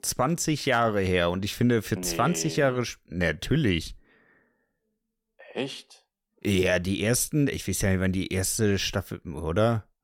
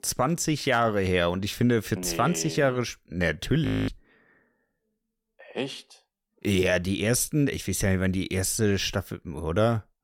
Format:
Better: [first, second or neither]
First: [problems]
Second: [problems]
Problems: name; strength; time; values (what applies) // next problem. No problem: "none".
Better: first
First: none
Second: audio freezing; at 3.5 s